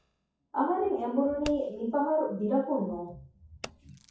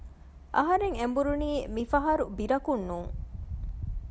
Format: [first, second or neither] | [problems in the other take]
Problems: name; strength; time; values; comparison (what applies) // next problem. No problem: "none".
second | noise reduction (classical method WPE with log-MMSE)